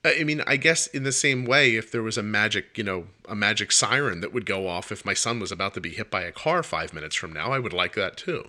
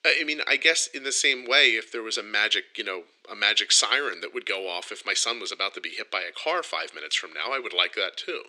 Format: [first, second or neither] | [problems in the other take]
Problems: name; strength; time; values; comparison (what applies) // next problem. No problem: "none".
first | thin; somewhat; fading below 300 Hz